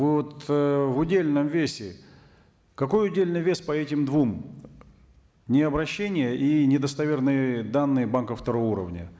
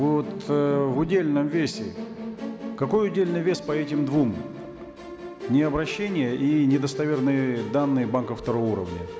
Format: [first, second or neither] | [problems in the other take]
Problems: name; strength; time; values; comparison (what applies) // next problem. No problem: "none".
first | background sound (Musical instrument); 11 dB below the speech